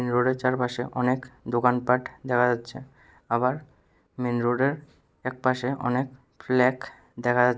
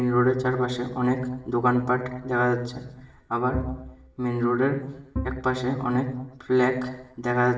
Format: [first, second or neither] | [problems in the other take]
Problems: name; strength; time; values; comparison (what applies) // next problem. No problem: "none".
first | background sound (Bowed string instrument); 10 dB below the speech // room echo; dies away in 0.8 s